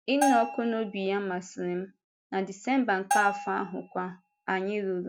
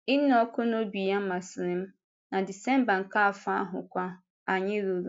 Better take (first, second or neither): second